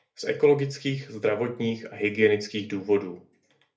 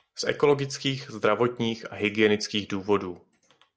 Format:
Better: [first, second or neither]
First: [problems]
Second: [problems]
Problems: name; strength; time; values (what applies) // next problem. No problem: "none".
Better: second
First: room echo; dies away in 0.3 s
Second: none